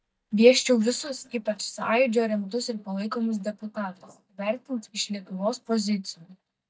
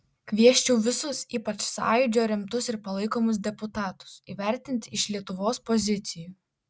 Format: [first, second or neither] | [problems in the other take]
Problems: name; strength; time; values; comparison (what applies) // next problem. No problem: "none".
second | noise reduction (neural mask model DeepFilterNet 3)